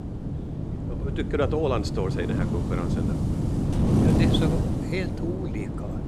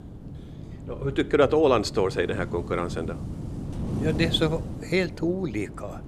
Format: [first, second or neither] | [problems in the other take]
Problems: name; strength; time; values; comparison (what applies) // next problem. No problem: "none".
second | wind noise on the microphone; heavy; 2 dB below the speech; occasional gusts in the second